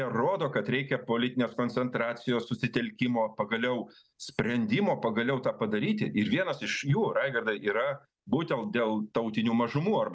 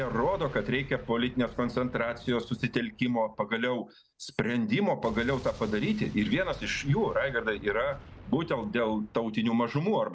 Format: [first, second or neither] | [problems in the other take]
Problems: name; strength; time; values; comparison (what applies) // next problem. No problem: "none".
first | background sound (Explosion); 18 dB below the speech